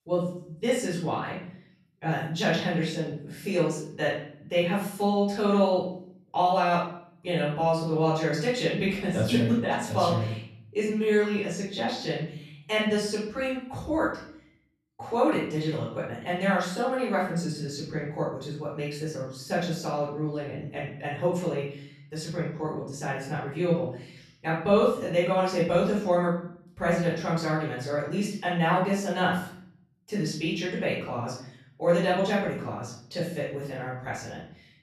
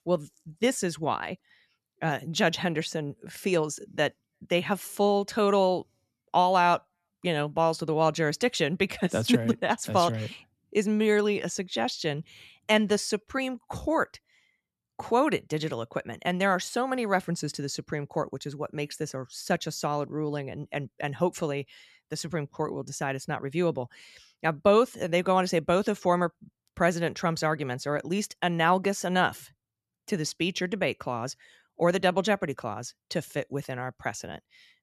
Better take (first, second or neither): second